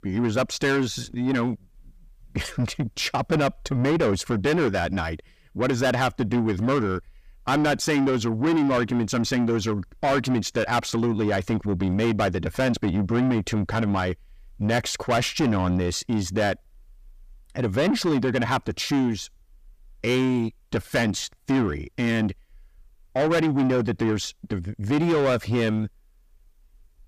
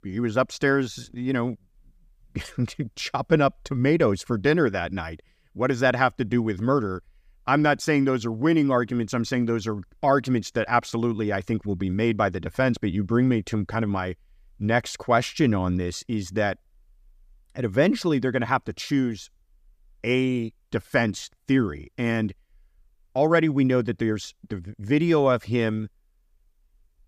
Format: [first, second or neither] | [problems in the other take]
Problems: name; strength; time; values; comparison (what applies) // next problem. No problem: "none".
second | distortion; heavy; 7 dB below the speech